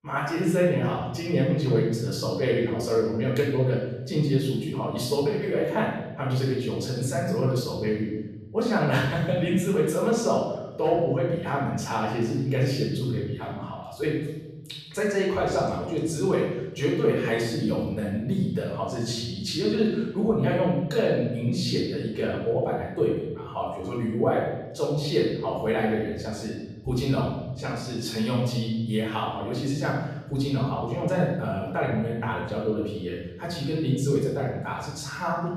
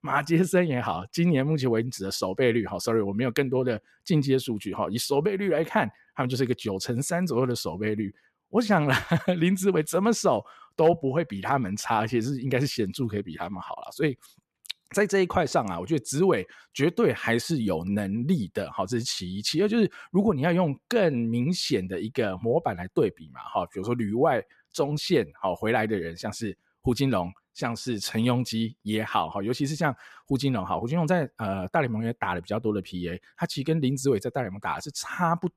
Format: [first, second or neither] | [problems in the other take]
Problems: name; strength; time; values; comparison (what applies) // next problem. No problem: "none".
second | room echo; noticeable; dies away in 1.3 s // off-mic speech; far